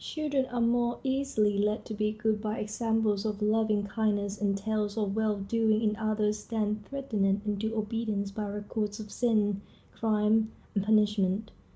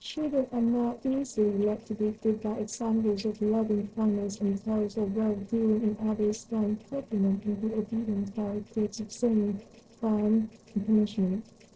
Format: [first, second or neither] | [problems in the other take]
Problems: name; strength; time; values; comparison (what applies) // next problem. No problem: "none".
first | noise reduction (neural separator model SepFormer DNS4)